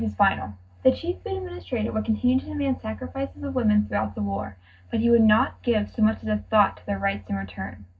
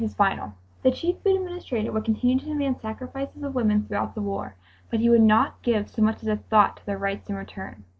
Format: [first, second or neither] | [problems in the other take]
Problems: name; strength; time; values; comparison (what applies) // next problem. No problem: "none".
second | room echo; dies away in 0.4 s